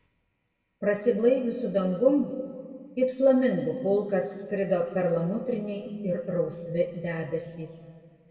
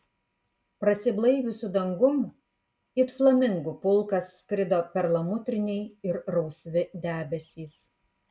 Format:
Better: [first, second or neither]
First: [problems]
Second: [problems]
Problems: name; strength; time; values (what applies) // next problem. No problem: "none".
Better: second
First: room echo; dies away in 1.8 s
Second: none